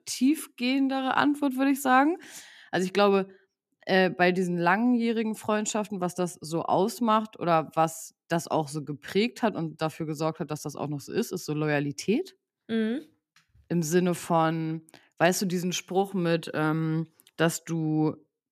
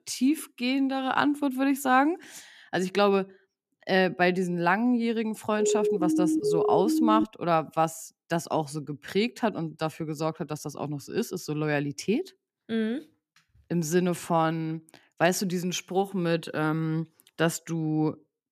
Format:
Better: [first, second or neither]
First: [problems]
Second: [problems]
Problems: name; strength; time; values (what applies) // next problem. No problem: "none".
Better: first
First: none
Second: siren; loud; from 5.5 to 7.5 s; peak 2 dB above the speech